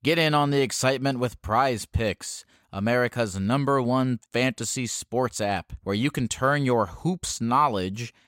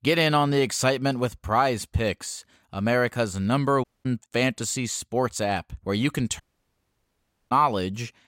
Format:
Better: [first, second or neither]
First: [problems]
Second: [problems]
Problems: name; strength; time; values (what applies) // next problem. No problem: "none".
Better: first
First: none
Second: audio cutting out; at 4 s and at 6.5 s for 1 s